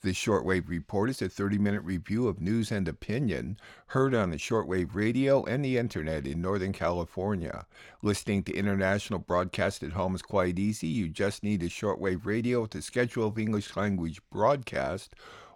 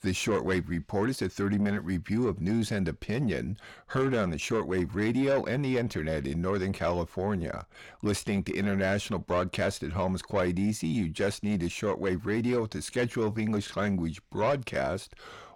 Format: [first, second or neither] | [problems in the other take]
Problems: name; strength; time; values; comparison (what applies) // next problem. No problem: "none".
first | distortion; slight; 10 dB below the speech